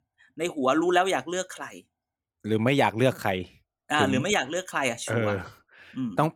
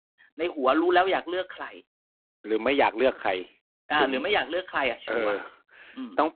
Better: first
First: none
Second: phone-call audio; poor line

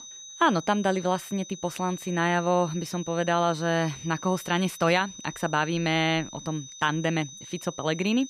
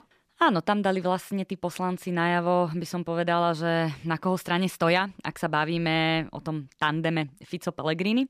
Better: second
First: high-pitched whine; noticeable; throughout; 6 kHz, 15 dB below the speech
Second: none

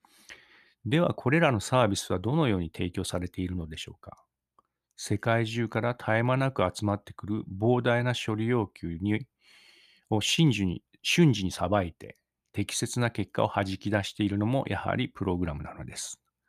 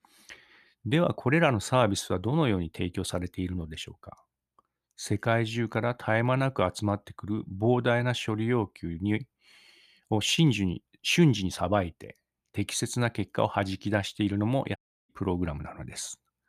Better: first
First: none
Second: audio cutting out; at 15 s

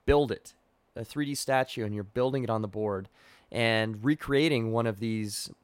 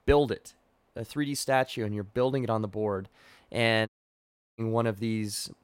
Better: first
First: none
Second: audio cutting out; at 4 s for 0.5 s

